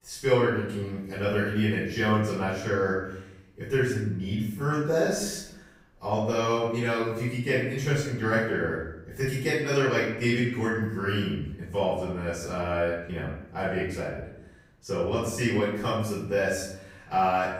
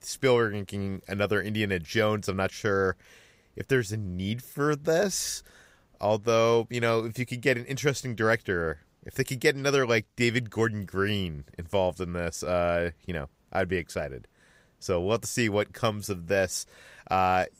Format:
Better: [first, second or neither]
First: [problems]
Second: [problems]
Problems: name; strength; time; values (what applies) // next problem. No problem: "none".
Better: second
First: off-mic speech; far // room echo; noticeable; dies away in 0.8 s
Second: none